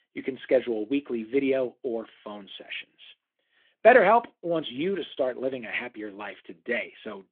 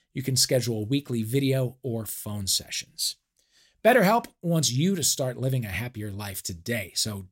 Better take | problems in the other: second | phone-call audio

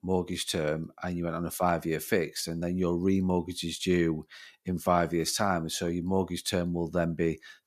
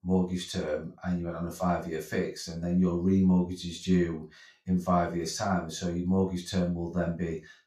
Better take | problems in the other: first | room echo; slight; dies away in 0.3 s // off-mic speech; far

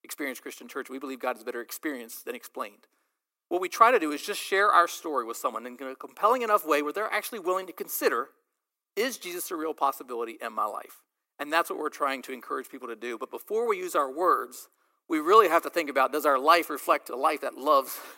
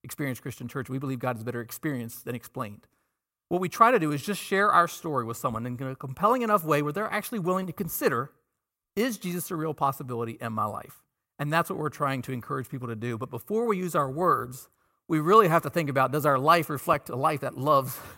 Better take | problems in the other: second | thin; somewhat; fading below 300 Hz

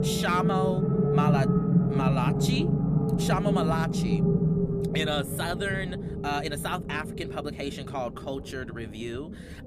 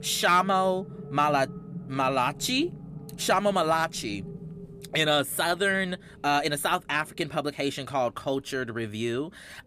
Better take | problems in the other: second | low rumble; loud; throughout; 2 dB below the speech; faint in the second

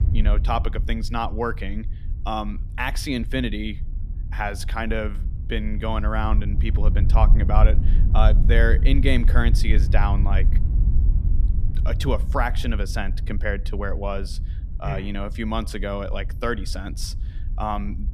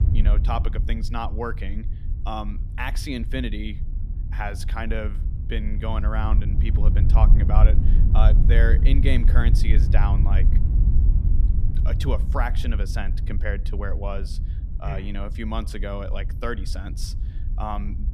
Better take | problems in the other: first | wind noise on the microphone; heavy; 9 dB below the speech; occasional gusts in the first

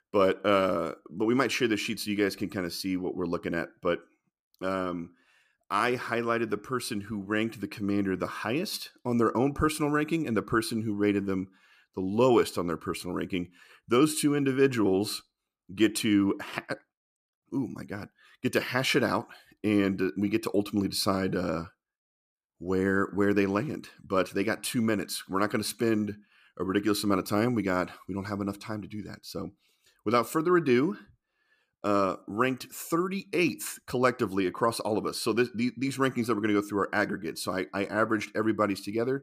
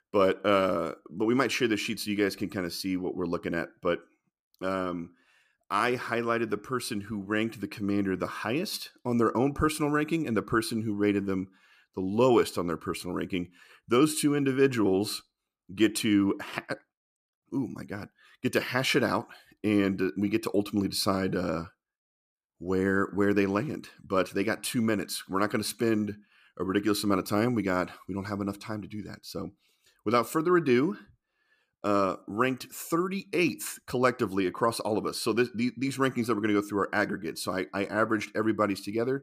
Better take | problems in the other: neither | none

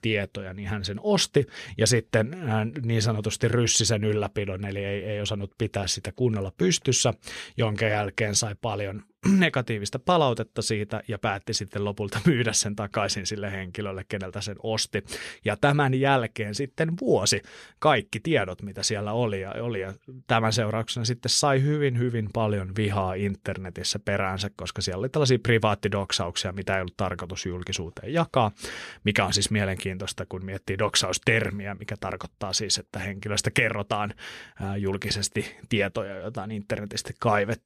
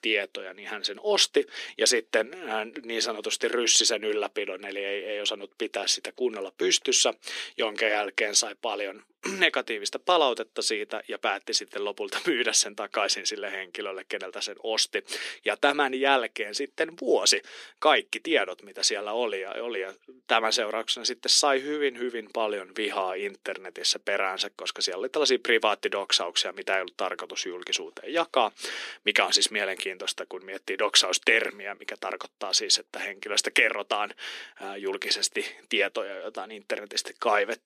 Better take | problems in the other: first | thin; very; fading below 300 Hz

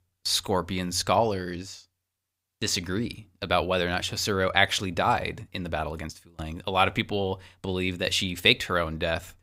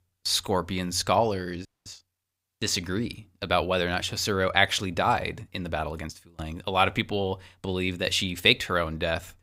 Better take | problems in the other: first | audio freezing; at 1.5 s

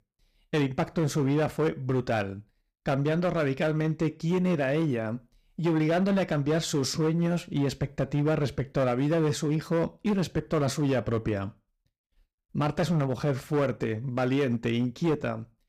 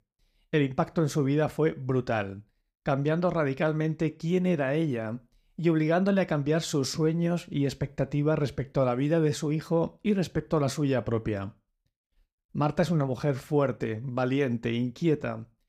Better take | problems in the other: second | distortion; slight; 10% of the sound clipped

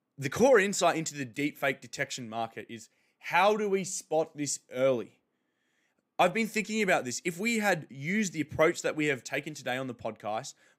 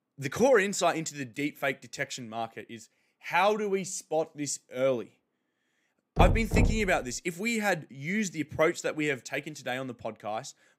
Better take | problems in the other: first | door banging; loud; at 6 s; peak 3 dB above the speech

